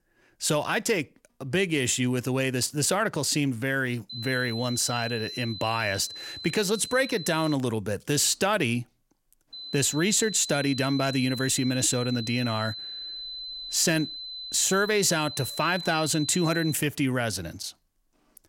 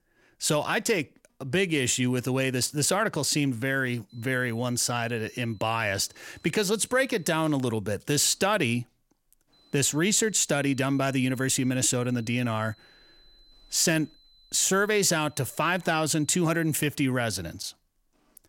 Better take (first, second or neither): second